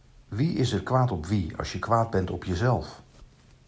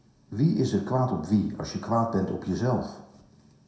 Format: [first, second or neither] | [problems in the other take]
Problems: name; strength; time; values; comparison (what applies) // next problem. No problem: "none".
first | room echo; dies away in 0.6 s